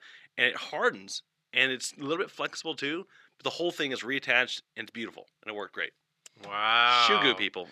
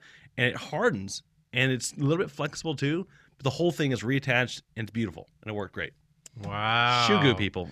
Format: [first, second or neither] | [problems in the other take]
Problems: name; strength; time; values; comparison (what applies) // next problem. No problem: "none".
second | thin; somewhat; fading below 350 Hz